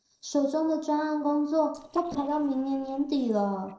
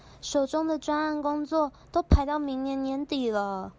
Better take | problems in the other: second | noise reduction (neural separator model SepFormer DNS4)

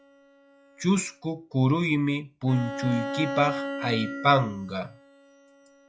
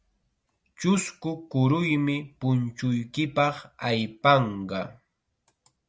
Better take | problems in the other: second | noise reduction (classical method log-MMSE)

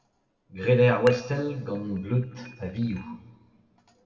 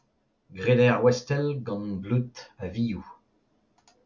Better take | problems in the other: second | background sound (Dishes, pots, and pans); 19 dB below the speech // room echo; dies away in 1.4 s

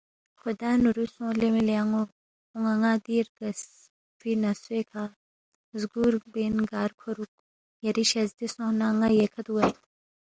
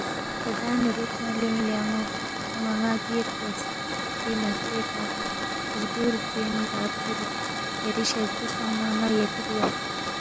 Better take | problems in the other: first | background sound (Hiss / Fire); 1 dB below the speech

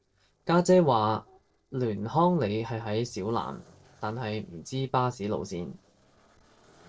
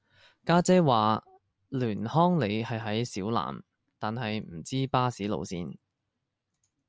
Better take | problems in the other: second | noise reduction (neural separator model SepFormer DNS4)

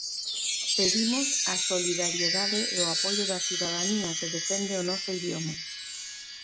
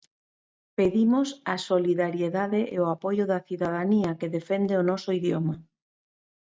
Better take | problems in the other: second | background sound (Chime); 3 dB above the speech

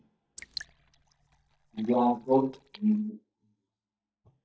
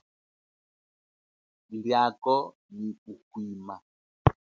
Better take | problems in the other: second | noise reduction (neural mask model DeepFilterNet 3)

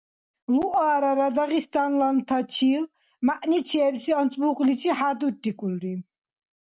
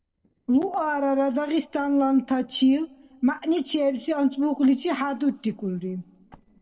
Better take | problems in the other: first | noise reduction (neural separator model SepFormer DNS4)

